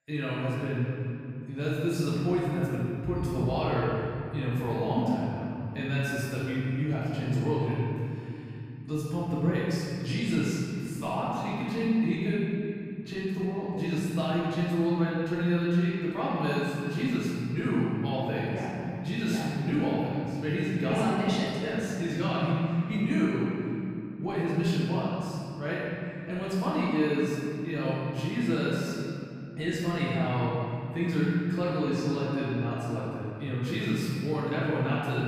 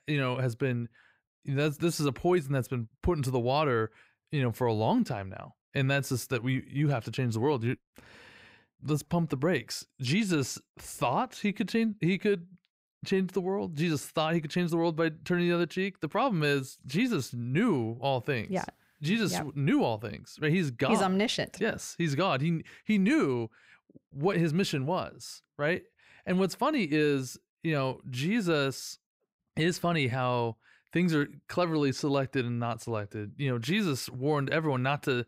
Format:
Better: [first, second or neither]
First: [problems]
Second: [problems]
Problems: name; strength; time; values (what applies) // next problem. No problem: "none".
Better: second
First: room echo; strong; dies away in 3 s // off-mic speech; far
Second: none